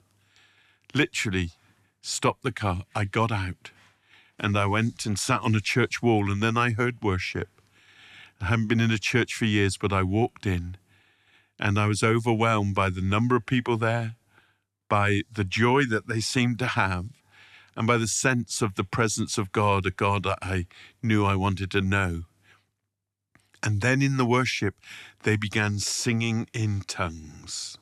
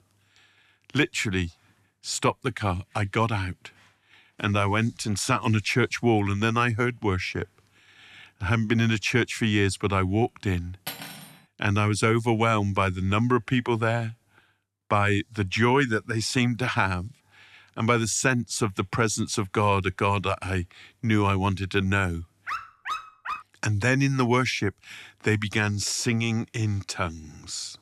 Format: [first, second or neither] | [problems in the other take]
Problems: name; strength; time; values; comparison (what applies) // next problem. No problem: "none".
first | clattering dishes; faint; at 11 s; peak 10 dB below the speech // dog barking; noticeable; at 22 s; peak 8 dB below the speech